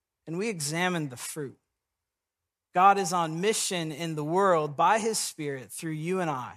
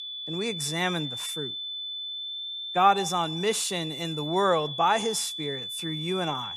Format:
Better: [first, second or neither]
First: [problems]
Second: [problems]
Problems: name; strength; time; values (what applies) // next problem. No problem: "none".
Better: first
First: none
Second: high-pitched whine; loud; throughout; 3.5 kHz, 6 dB below the speech